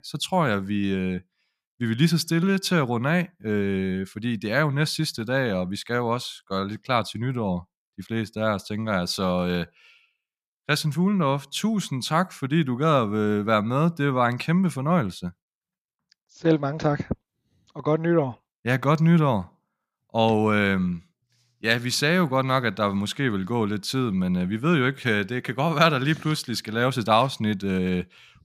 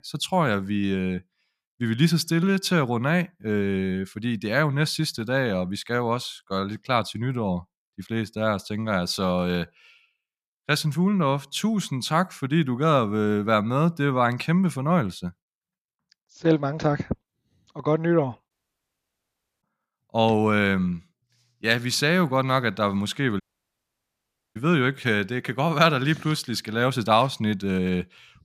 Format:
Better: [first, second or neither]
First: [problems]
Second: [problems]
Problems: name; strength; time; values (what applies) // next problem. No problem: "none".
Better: first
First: none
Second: audio cutting out; at 19 s for 1 s and at 23 s for 1 s